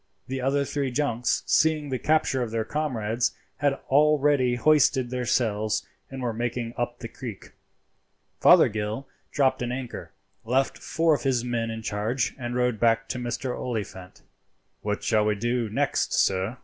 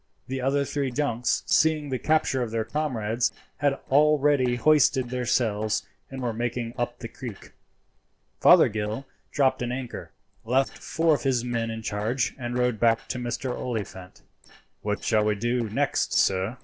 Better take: first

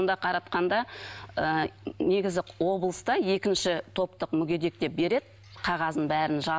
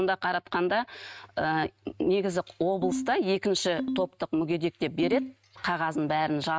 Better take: first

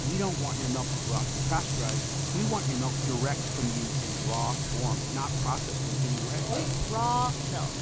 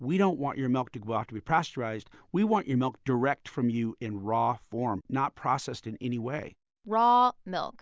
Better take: second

